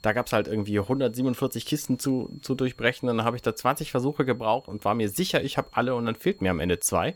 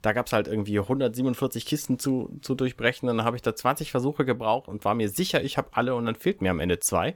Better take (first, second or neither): second